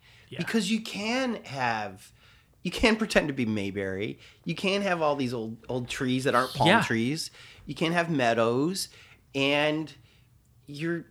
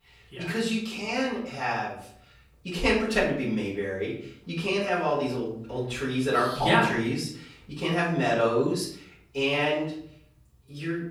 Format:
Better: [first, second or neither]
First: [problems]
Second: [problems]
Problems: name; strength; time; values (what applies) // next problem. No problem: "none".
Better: first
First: none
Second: room echo; noticeable; dies away in 0.5 s // off-mic speech; far